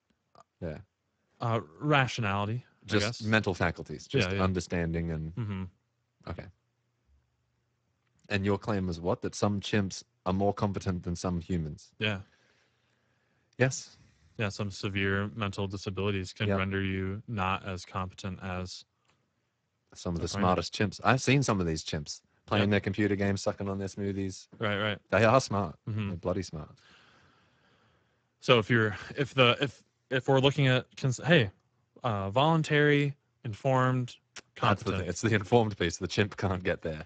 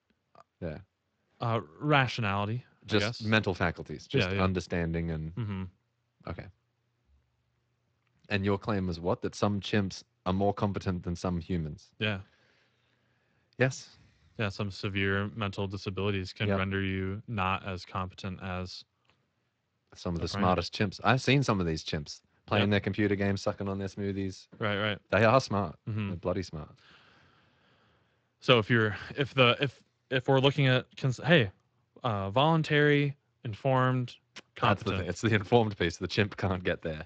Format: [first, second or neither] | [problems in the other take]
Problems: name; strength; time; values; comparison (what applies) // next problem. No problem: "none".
second | garbled, watery; badly; nothing above 8 kHz; slightly in the second